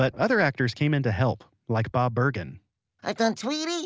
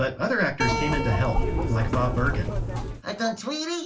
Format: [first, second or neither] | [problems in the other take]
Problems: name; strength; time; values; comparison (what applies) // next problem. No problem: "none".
first | background sound (Keyboard (musical)); 1 dB above the speech // room echo; dies away in 0.2 s